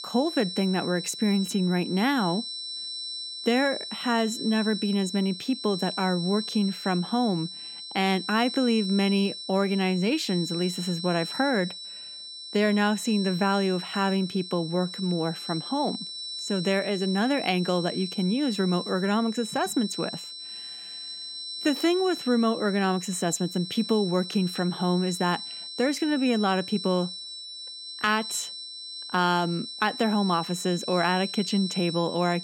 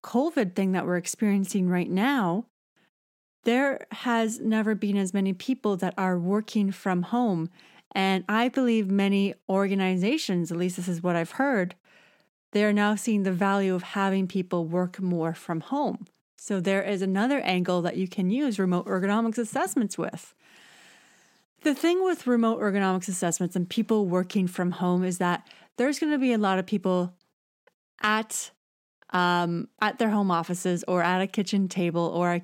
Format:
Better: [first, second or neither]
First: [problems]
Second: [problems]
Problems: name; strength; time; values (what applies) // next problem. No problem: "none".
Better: second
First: high-pitched whine; loud; throughout; 4 kHz, 8 dB below the speech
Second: none